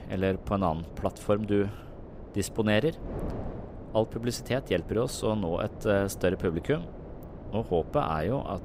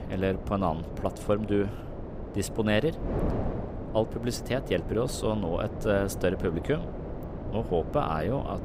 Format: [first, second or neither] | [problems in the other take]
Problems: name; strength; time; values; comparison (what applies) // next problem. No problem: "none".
first | wind noise on the microphone; heavy; 10 dB below the speech; occasional gusts in the first